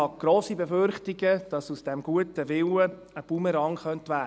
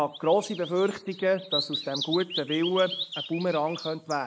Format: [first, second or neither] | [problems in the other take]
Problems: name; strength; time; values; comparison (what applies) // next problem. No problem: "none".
first | noise reduction (neural mask model Resemble Enhance denoiser)